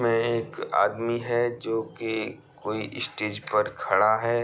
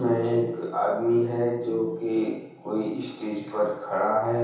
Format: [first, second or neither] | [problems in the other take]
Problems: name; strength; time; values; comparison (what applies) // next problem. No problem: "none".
first | room echo; dies away in 0.8 s